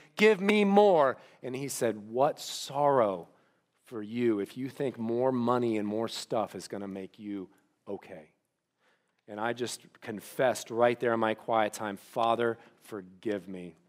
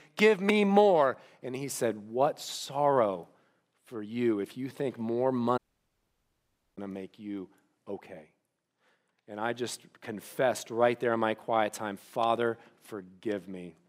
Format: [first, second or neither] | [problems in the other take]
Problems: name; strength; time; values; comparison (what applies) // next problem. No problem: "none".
first | audio cutting out; at 5.5 s for 1 s